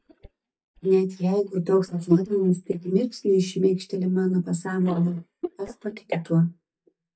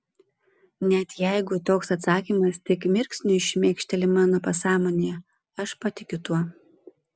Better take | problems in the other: second | noise reduction (neural mask model DeepFilterNet 3)

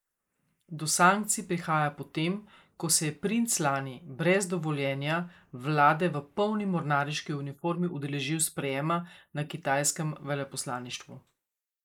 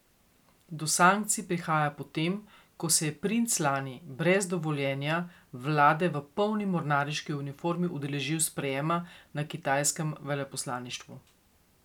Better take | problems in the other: second | noise reduction (neural mask model Resemble Enhance denoiser)

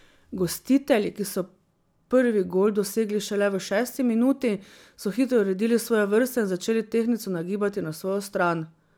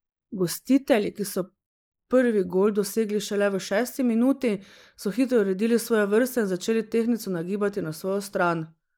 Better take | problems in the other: first | noise reduction (neural mask model Resemble Enhance denoiser)

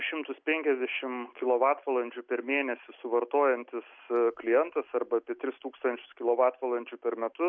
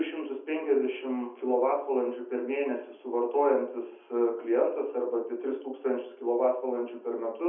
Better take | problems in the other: first | room echo; dies away in 0.5 s

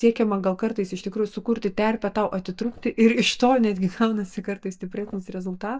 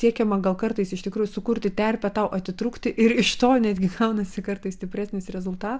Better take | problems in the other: second | noise reduction (neural mask model DeepFilterNet 3)

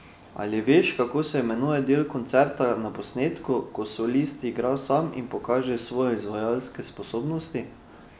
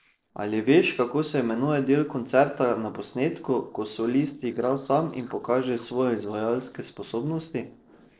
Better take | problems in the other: first | noise reduction (neural separator model SepFormer DNS4)

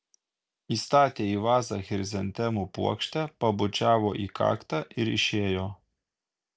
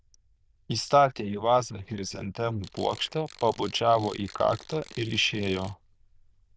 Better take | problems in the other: first | noise reduction (neural diffusion model UNIVERSE++)

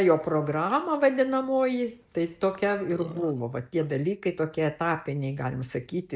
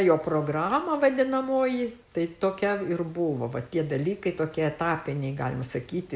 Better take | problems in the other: second | noise reduction (neural mask model DeepFilterNet 3)

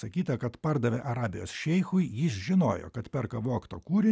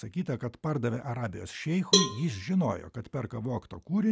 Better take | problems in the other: first | background sound (Cowbell); 2 dB below the speech

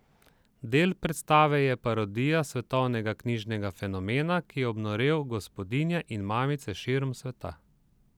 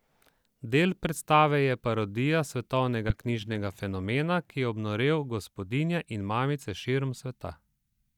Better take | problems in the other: first | noise reduction (neural mask model DeepFilterNet 3)

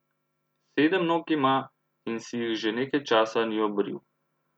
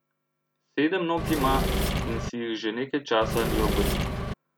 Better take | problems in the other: first | background sound (Engine / Mechanisms); 2 dB above the speech

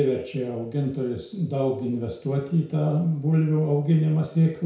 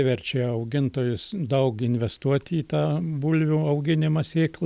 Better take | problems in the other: second | room echo; dies away in 0.6 s

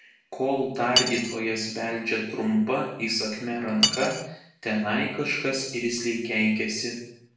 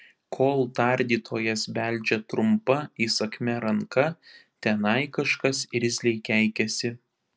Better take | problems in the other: second | background sound (Cutlery, silverware); 4 dB below the speech // room echo; dies away in 0.7 s

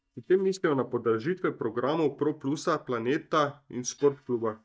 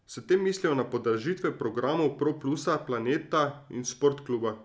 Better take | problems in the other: second | noise reduction (neural mask model DeepFilterNet 3)

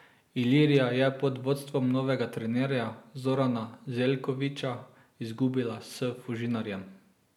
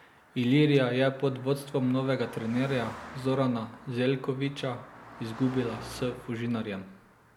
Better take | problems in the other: first | background sound (Car passing by); 18 dB below the speech

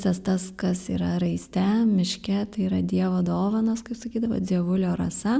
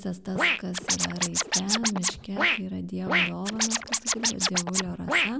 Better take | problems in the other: first | background sound (Scratching (performance technique)); 5 dB above the speech

